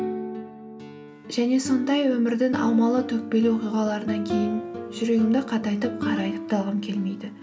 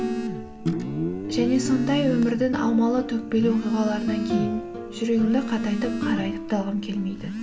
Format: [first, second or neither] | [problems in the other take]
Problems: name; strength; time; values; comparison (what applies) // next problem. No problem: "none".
first | background sound (Guitar + Telephone); 6 dB below the speech